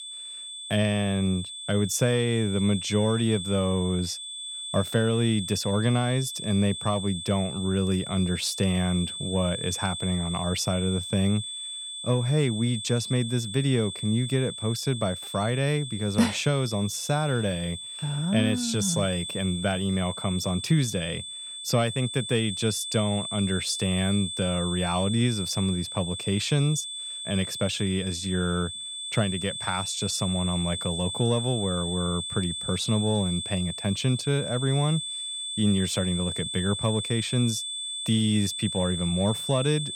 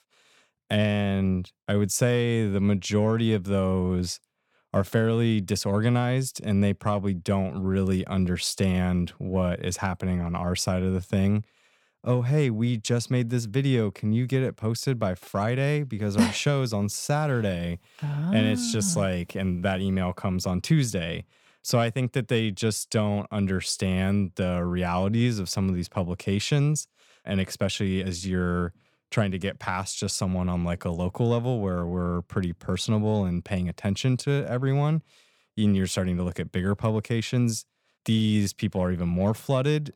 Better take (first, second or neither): second